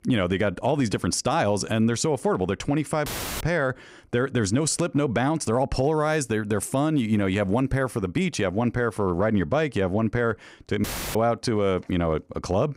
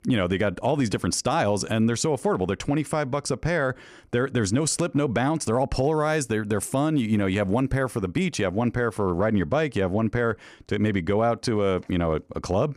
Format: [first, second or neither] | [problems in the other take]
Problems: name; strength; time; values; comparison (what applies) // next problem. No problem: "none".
second | audio cutting out; filled with static; at 3 s and at 11 s